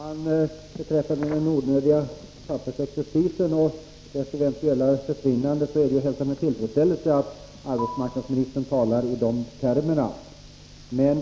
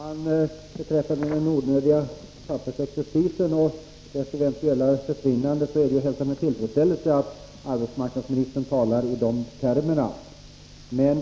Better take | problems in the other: second | background sound (Marimba, xylophone); 15 dB below the speech

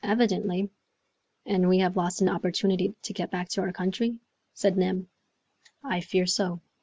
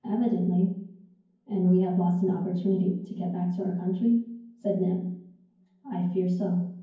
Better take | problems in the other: first | room echo; dies away in 0.9 s

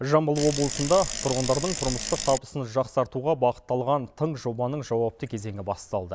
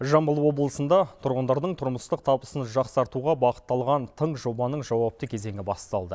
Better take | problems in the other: second | background sound (Bicycle); 6 dB below the speech

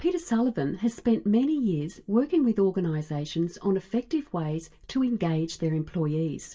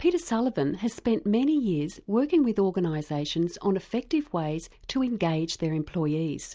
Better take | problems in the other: second | room echo; dies away in 0.1 s

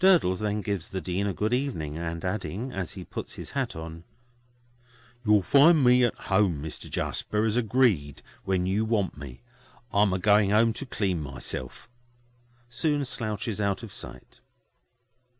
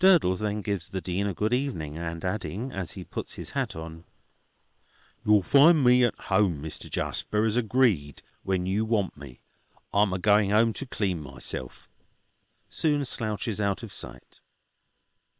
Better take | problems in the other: first | noise reduction (neural separator model SepFormer WHAM!)

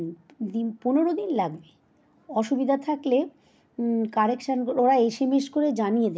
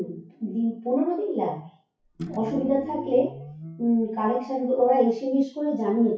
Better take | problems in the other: first | noise reduction (classical method WPE with log-MMSE)

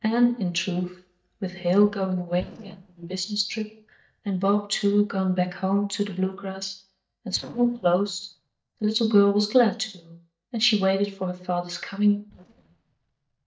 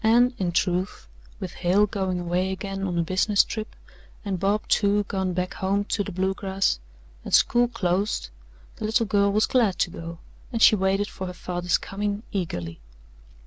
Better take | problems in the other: second | noise reduction (neural mask model DeepFilterNet 3)

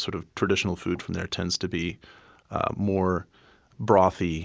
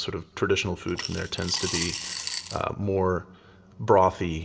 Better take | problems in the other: first | background sound (Coin (dropping) / Glass); 7 dB below the speech // room echo; dies away in 2.3 s

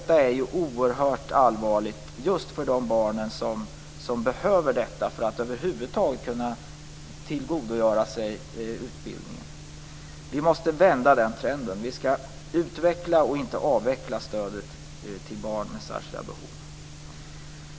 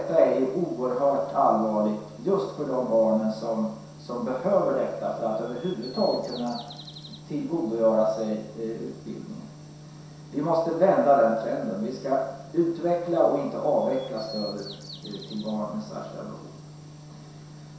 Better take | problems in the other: first | background sound (Bird vocalization, bird call, bird song); 18 dB below the speech // room echo; dies away in 0.7 s

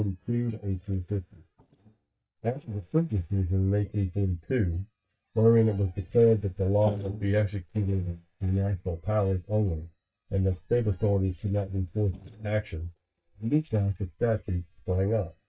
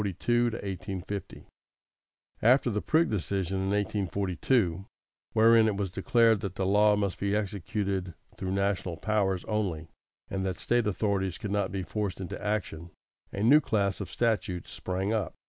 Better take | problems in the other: second | noise reduction (neural mask model DeepFilterNet 3)

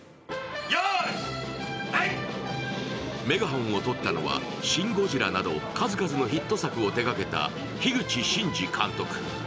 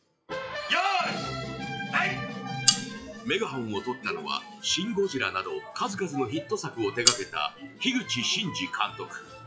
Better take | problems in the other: first | noise reduction (classical method log-MMSE)

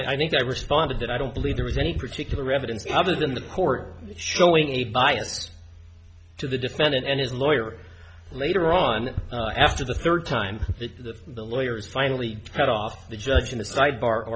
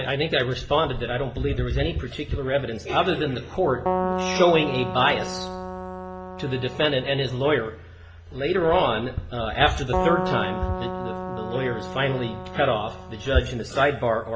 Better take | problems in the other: first | background sound (Keyboard (musical)); 6 dB below the speech // room echo; dies away in 0.7 s

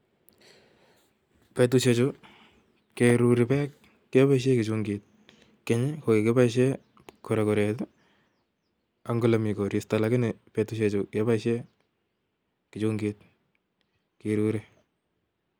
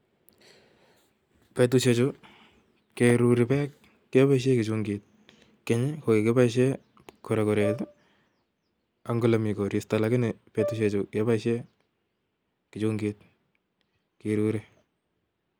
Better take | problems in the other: first | background sound (Brass instrument); 12 dB below the speech

